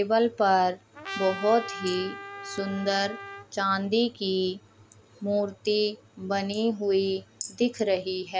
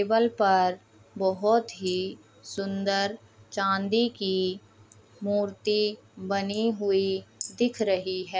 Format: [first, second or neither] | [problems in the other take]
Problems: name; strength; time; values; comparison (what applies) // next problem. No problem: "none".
second | background sound (Trumpet); 11 dB below the speech